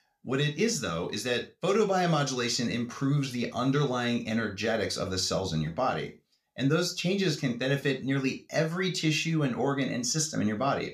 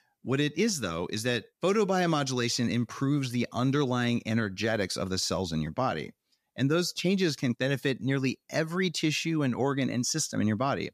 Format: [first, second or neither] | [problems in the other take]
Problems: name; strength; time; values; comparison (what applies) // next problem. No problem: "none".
second | room echo; very slight; dies away in 0.3 s